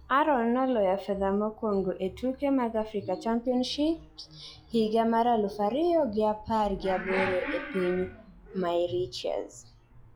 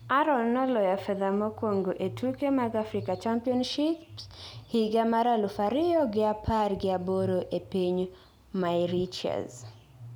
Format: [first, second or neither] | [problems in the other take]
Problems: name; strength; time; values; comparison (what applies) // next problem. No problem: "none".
second | noise reduction (classical method log-MMSE)